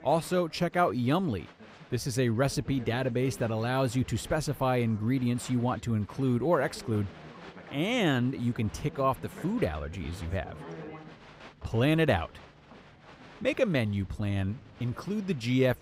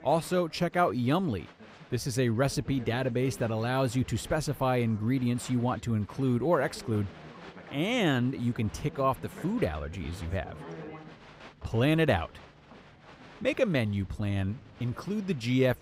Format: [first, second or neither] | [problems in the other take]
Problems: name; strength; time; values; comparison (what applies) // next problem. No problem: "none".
neither | crowd noise; noticeable; throughout; 20 dB below the speech; the same in both